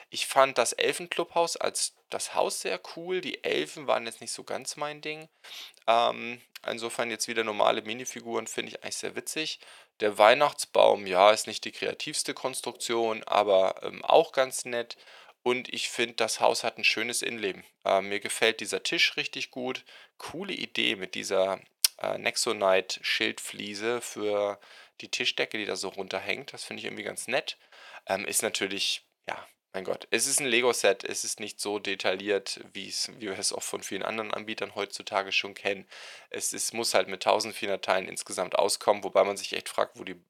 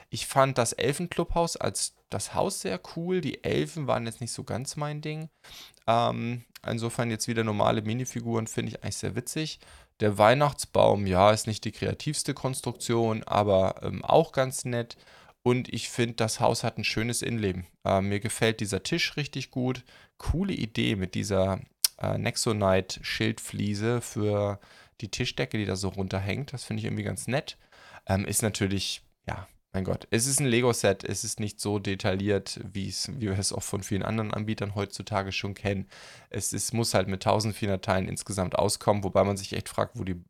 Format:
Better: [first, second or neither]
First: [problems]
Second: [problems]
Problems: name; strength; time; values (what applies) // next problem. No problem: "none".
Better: second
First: thin; somewhat; fading below 450 Hz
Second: none